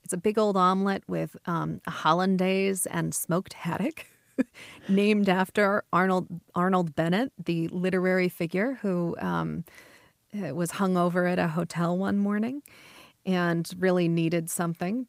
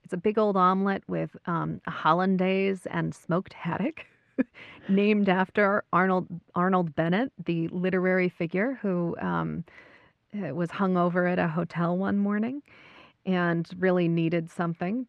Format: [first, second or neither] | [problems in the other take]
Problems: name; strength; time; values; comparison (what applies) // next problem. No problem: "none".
first | muffled; slightly; fading above 2.5 kHz